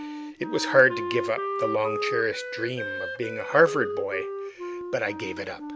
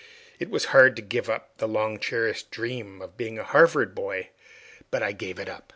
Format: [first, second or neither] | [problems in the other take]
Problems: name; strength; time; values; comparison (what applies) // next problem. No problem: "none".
second | background sound (Wind instrument, woodwind instrument); 6 dB below the speech